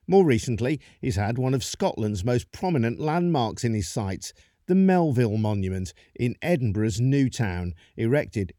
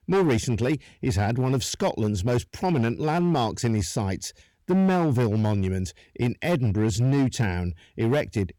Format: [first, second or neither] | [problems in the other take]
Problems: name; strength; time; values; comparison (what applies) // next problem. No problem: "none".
first | distortion; slight; 10% of the sound clipped